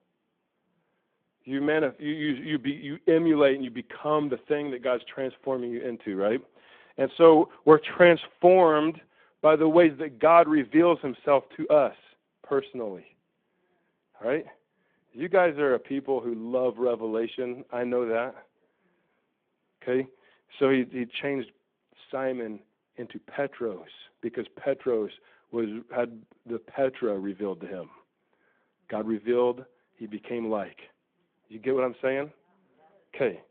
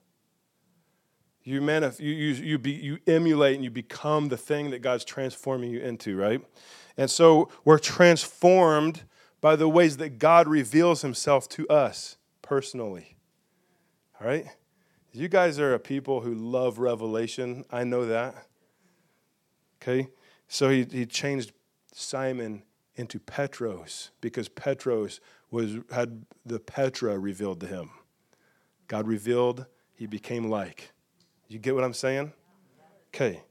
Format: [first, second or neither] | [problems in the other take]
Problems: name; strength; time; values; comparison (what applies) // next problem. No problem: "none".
second | phone-call audio